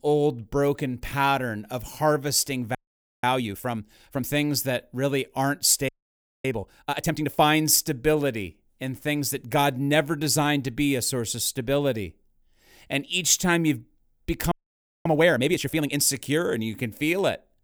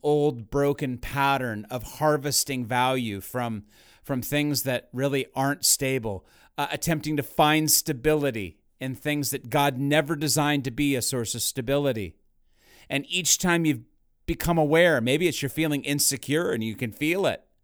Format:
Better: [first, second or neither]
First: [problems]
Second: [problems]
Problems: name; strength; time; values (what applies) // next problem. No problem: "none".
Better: second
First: audio freezing; at 3 s, at 6 s for 0.5 s and at 15 s for 0.5 s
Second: none